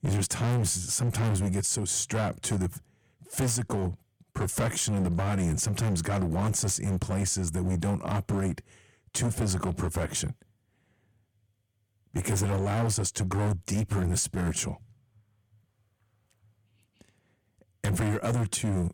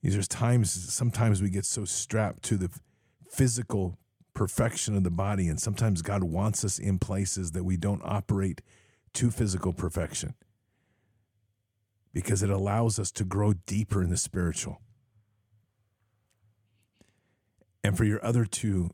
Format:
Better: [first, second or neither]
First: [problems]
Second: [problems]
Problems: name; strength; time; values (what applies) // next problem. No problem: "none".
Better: second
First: distortion; heavy; 15% of the sound clipped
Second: none